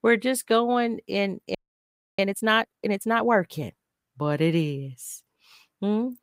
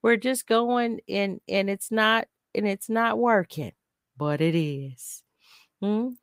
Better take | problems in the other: second | audio freezing; at 1.5 s for 0.5 s

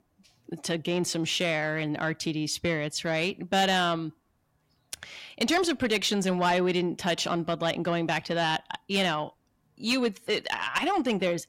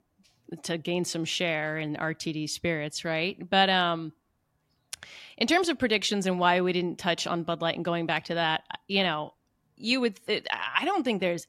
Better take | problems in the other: second | distortion; slight; 10 dB below the speech

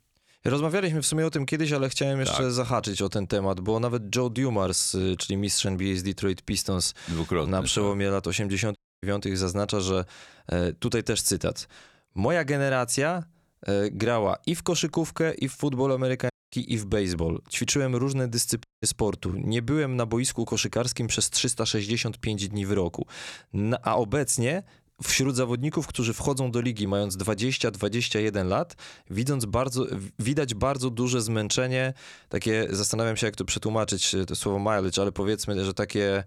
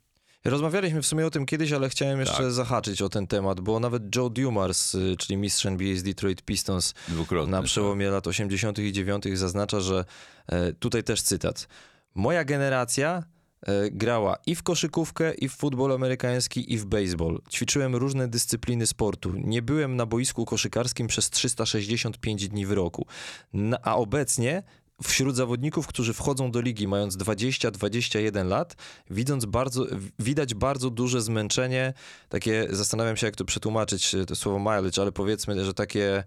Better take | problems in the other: second | audio cutting out; at 9 s, at 16 s and at 19 s

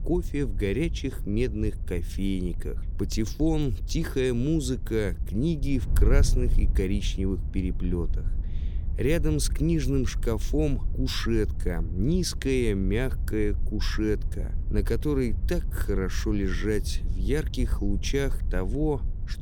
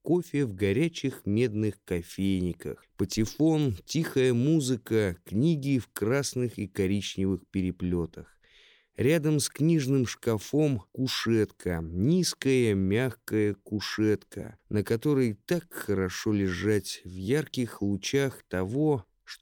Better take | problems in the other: second | wind noise on the microphone; occasional gusts; 20 dB below the speech

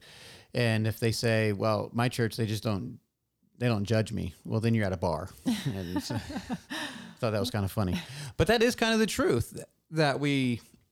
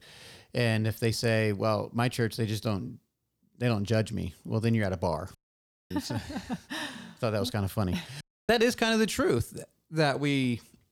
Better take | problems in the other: first | audio cutting out; at 5.5 s for 0.5 s and at 8 s

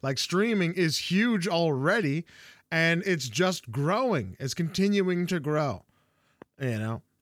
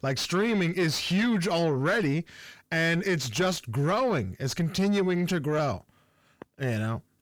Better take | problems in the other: first | distortion; slight; 9 dB below the speech

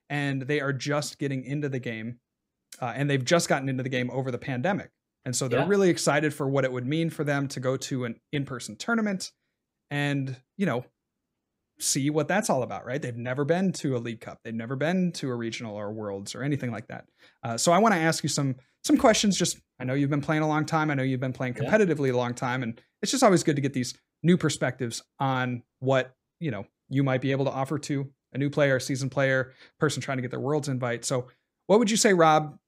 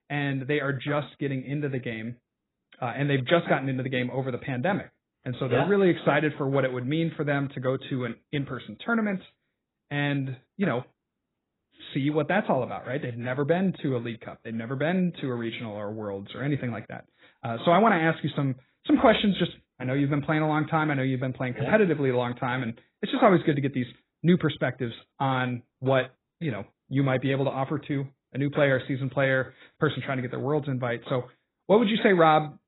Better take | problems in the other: first | garbled, watery; badly; nothing above 4 kHz

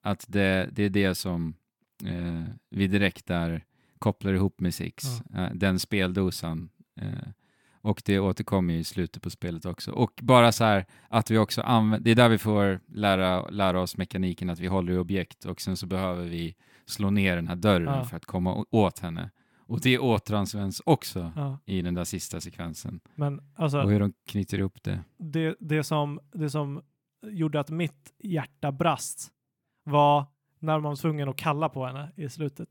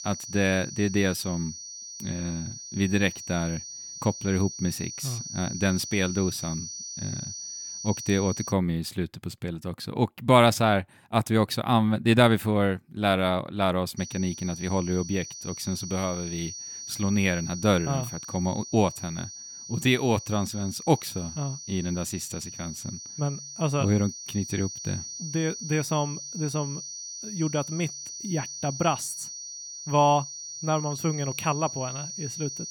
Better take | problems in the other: first | high-pitched whine; loud; until 8.5 s and from 14 s on; 6 kHz, 9 dB below the speech

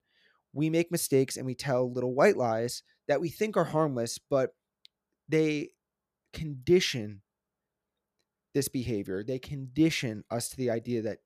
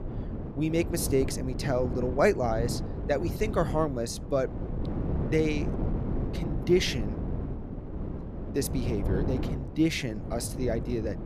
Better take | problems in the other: first | wind noise on the microphone; occasional gusts; 10 dB below the speech

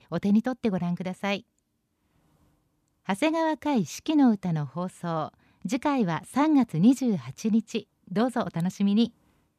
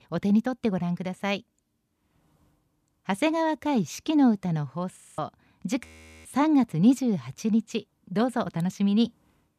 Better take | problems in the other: first | audio freezing; at 5 s and at 6 s

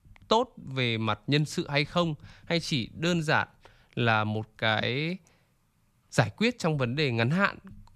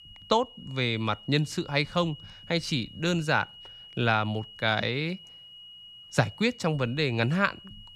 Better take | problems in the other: first | high-pitched whine; noticeable; throughout; 3 kHz, 20 dB below the speech

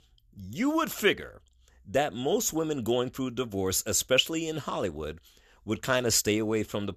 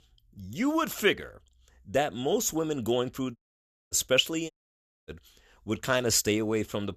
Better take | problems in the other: first | audio cutting out; at 3.5 s for 0.5 s and at 4.5 s for 0.5 s

